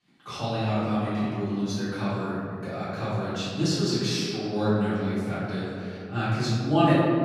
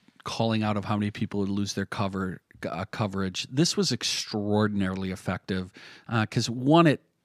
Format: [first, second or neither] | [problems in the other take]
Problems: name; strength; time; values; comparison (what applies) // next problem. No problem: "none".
second | room echo; strong; dies away in 2.1 s // off-mic speech; far